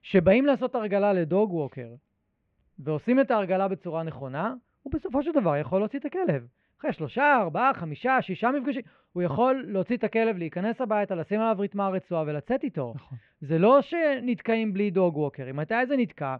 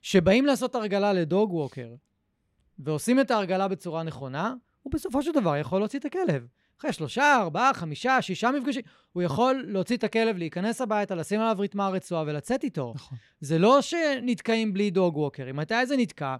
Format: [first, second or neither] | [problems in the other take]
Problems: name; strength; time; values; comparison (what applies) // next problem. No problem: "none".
second | muffled; very; fading above 2.5 kHz